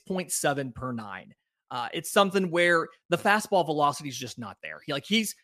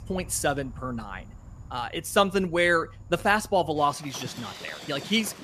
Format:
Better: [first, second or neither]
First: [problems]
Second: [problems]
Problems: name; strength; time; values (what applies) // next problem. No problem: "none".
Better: first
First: none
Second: animal sounds; noticeable; throughout; 15 dB below the speech